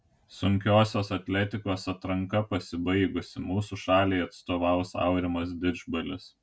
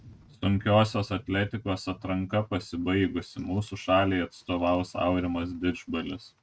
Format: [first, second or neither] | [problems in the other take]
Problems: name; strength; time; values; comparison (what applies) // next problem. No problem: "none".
first | noise reduction (neural mask model RNNoise)